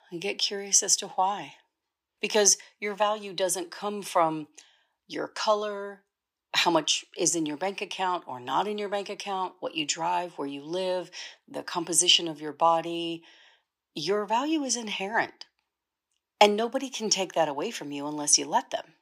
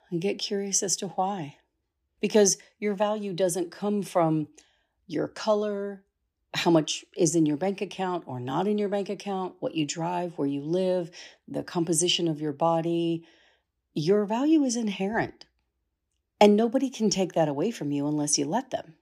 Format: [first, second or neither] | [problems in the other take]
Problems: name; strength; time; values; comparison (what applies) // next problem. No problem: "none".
second | thin; somewhat; fading below 950 Hz